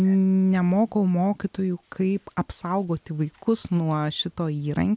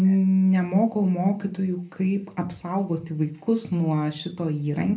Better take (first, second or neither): first